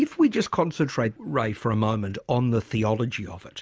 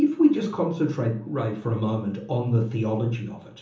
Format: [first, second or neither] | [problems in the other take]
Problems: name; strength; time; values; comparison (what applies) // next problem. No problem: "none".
first | room echo; dies away in 1.2 s